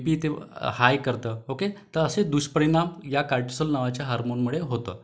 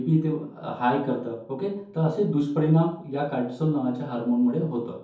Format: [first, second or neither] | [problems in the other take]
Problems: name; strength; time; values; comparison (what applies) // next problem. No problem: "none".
first | room echo; dies away in 0.6 s